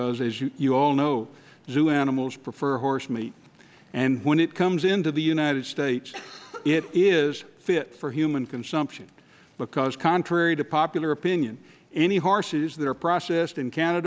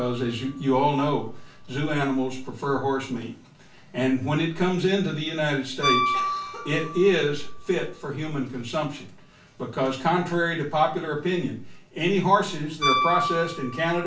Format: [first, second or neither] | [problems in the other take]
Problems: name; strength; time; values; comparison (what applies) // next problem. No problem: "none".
first | background sound (Piano); 8 dB below the speech // room echo; dies away in 0.3 s